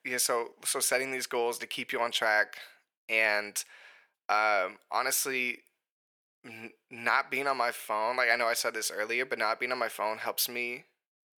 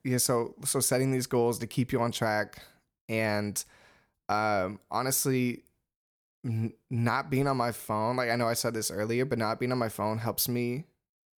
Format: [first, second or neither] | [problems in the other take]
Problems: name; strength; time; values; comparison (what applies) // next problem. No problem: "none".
second | thin; very; fading below 550 Hz